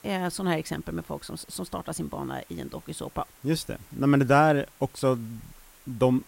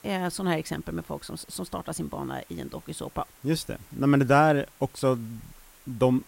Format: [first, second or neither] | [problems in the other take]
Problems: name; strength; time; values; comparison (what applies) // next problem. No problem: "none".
neither | hiss; faint; throughout; 25 dB below the speech; the same in both